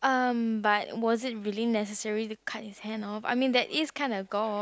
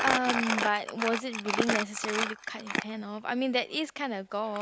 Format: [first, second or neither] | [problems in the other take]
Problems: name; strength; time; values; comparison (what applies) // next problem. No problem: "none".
first | background sound (Crumpling, crinkling); 2 dB below the speech